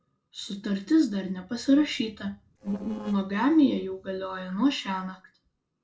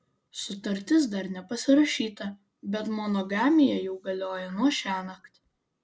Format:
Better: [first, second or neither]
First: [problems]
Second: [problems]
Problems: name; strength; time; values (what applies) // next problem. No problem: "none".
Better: second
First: noise reduction (neural separator model SepFormer DNS4)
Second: none